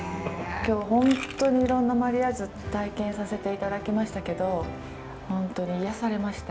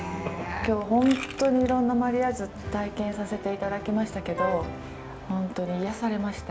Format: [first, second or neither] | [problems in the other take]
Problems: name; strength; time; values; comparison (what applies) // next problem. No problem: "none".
first | background sound (Wind instrument, woodwind instrument); 7 dB below the speech